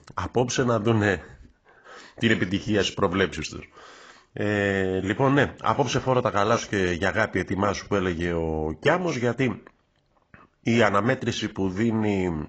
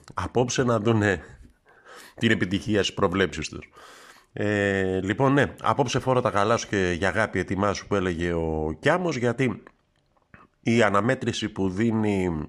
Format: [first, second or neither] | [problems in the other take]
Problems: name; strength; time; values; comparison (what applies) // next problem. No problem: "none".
second | garbled, watery; badly; nothing above 7.5 kHz